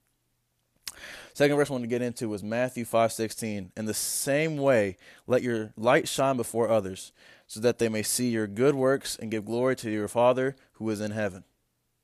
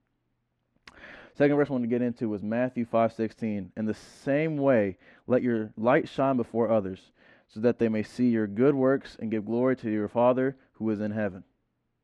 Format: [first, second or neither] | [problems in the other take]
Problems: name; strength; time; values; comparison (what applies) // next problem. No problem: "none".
first | muffled; very; fading above 2 kHz